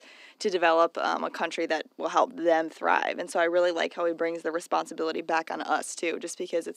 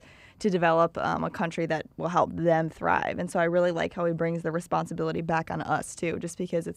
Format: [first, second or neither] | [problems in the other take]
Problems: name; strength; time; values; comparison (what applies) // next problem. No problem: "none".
second | thin; somewhat; fading below 250 Hz